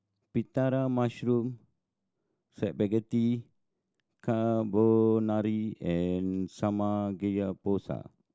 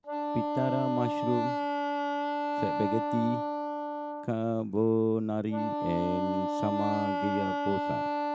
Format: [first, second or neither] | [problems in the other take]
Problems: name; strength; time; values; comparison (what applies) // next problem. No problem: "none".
first | background sound (Wind instrument, woodwind instrument); as loud as the speech